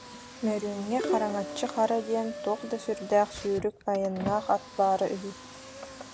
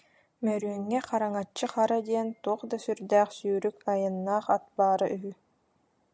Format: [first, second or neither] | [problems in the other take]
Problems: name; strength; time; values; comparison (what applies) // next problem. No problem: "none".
second | background sound (Plucked string instrument + Car); 9 dB below the speech